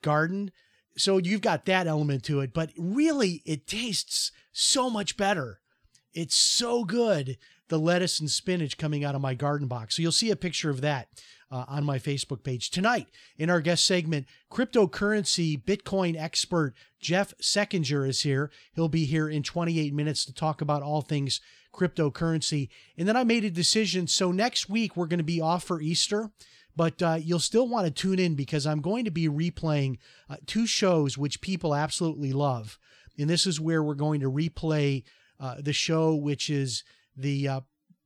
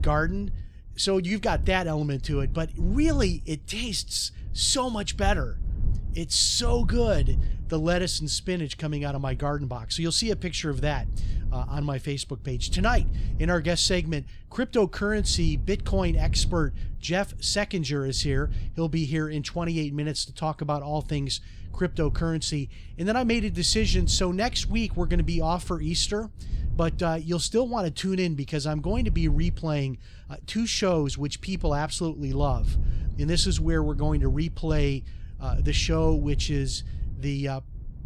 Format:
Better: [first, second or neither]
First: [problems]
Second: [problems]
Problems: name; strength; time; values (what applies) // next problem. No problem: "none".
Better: first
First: none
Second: wind noise on the microphone; occasional gusts; 20 dB below the speech